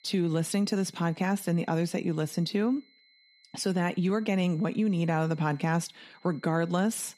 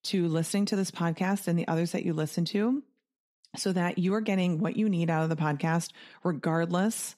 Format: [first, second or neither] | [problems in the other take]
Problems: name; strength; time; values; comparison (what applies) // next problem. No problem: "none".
second | high-pitched whine; faint; throughout; 4 kHz, 30 dB below the speech